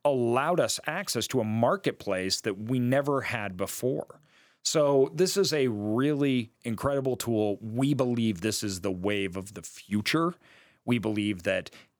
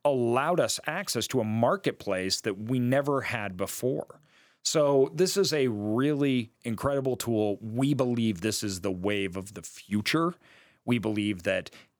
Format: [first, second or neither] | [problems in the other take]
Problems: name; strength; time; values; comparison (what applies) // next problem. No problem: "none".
neither | none